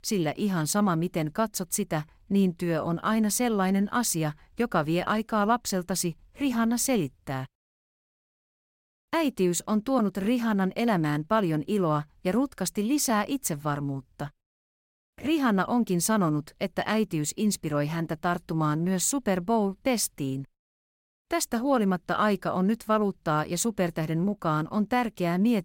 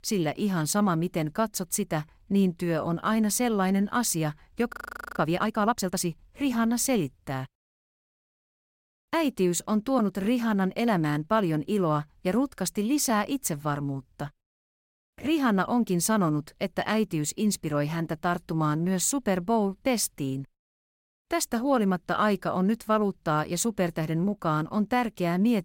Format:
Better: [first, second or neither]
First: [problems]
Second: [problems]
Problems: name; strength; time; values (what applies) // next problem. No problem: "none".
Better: first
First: none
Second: audio freezing; at 4.5 s